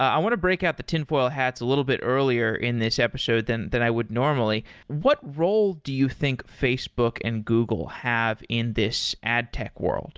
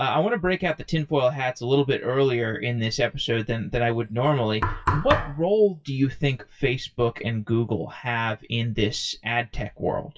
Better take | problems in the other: first | noise reduction (classical method WPE with log-MMSE)

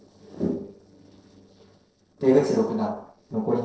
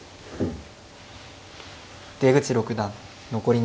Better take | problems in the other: second | noise reduction (neural separator model SepFormer DNS4)

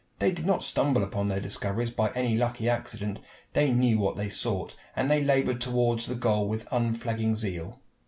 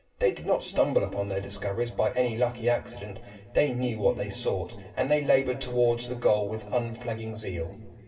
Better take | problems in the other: first | room echo; dies away in 2.6 s

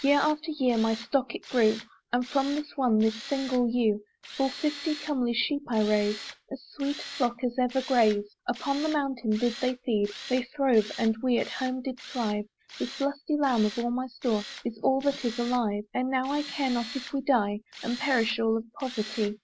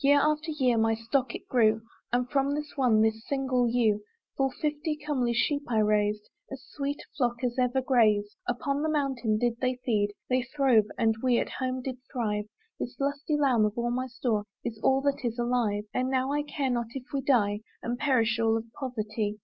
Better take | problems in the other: second | background sound (Tools); 16 dB below the speech

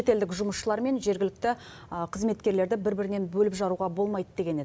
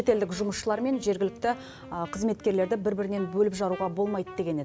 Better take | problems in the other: first | background sound (Wind instrument, woodwind instrument); 18 dB below the speech

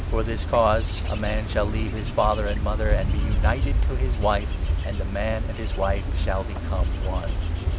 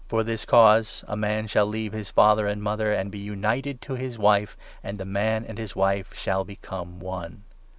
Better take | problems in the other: second | background sound (Wind / Bird / Insect); 4 dB above the speech

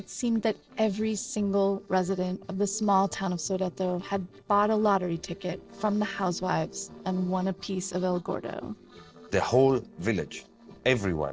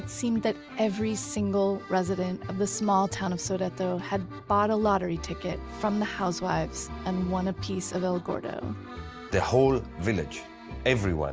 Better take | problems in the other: second | noise reduction (neural separator model SepFormer DNS4)

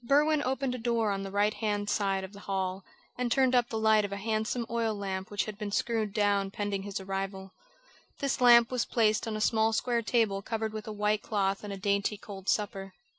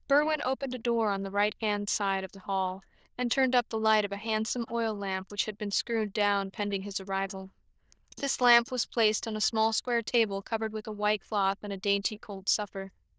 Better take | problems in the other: first | noise reduction (neural diffusion model UNIVERSE++)

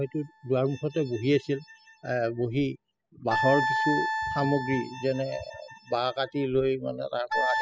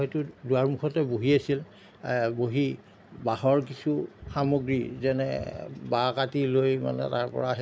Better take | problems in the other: second | noise reduction (classical method spectral subtraction)

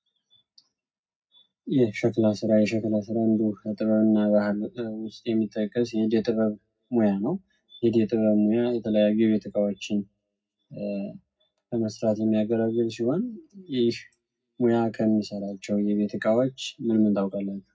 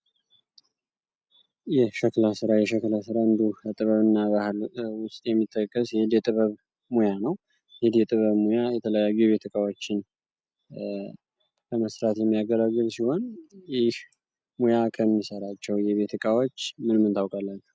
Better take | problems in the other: second | room echo; dies away in 0.3 s

